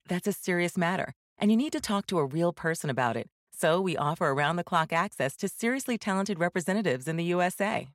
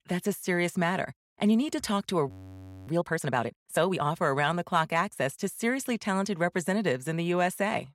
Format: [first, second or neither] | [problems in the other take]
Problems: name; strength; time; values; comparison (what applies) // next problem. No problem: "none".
first | audio freezing; at 2.5 s for 0.5 s